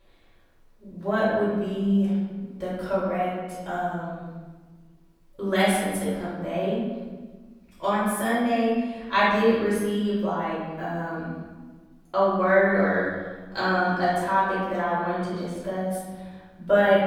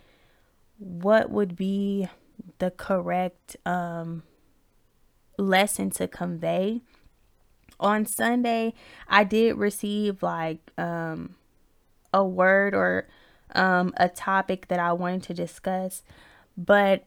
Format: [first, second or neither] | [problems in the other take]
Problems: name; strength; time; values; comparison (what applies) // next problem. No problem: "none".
second | room echo; strong; dies away in 1.2 s // off-mic speech; far